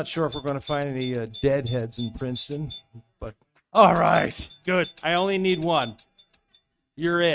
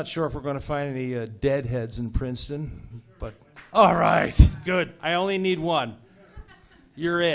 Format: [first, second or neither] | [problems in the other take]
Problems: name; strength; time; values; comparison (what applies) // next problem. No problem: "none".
second | noise reduction (neural mask model RNNoise)